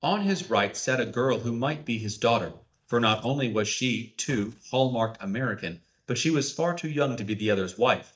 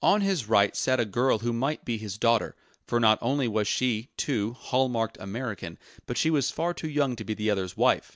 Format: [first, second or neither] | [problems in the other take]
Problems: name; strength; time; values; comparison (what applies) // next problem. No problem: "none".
second | noise reduction (neural mask model DeepFilterNet 3)